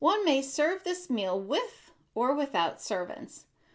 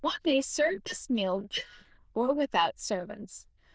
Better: first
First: none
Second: noise reduction (neural diffusion model UNIVERSE++)

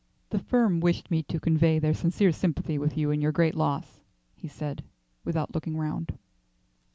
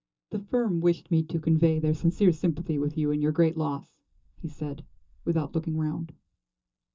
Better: first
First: none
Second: noise reduction (neural mask model DeepFilterNet 3)

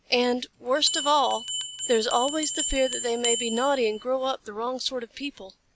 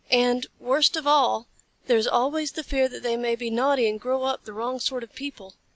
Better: second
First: background sound (Bell); 5 dB below the speech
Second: none

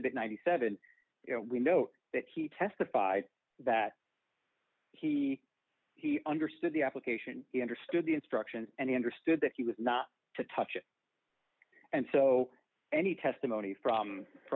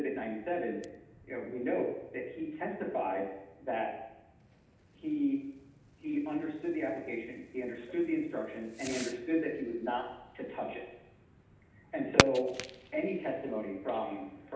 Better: first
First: none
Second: background sound (Fireworks); 5 dB below the speech // room echo; dies away in 0.8 s

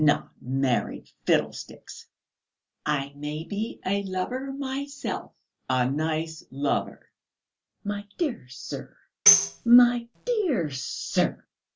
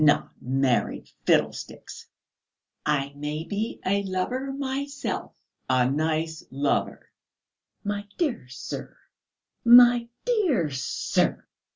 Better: second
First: background sound (Tambourine); 2 dB above the speech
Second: none

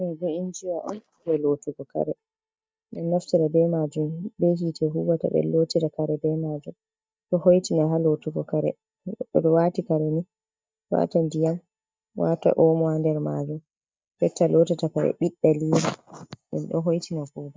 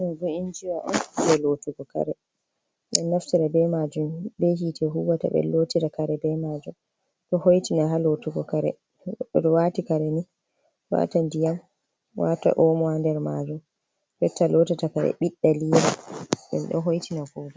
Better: second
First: noise reduction (neural mask model DeepFilterNet 3)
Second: none

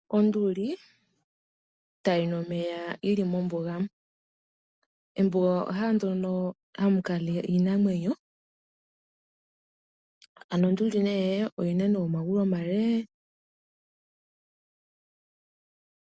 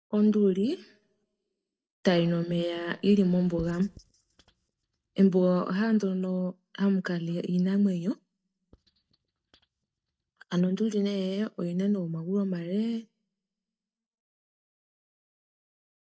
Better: first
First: none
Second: noise reduction (neural mask model DeepFilterNet 3)

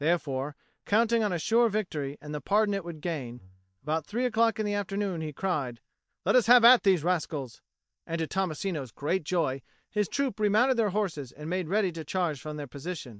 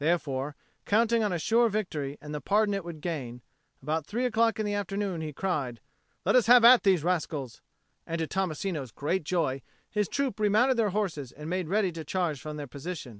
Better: second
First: noise reduction (neural mask model DeepFilterNet 3)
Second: none

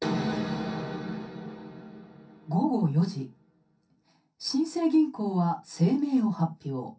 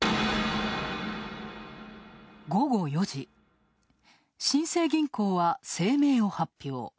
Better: second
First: room echo; dies away in 0.3 s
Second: none

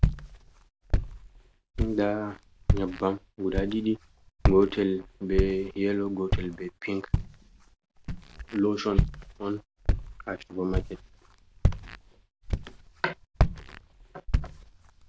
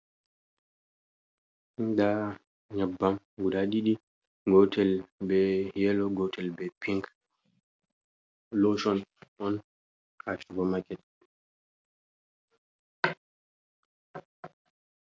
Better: second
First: background sound (Walk, footsteps); 1 dB above the speech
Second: none

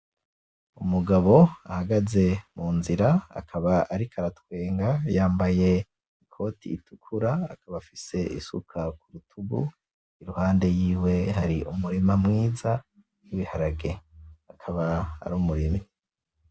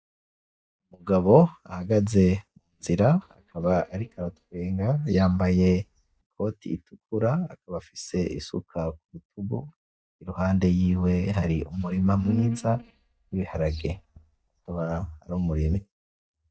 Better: first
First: none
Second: noise reduction (neural mask model DeepFilterNet 3)

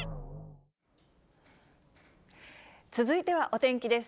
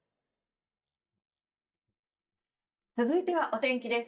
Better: first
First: none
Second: noise reduction (neural mask model DeepFilterNet 3)

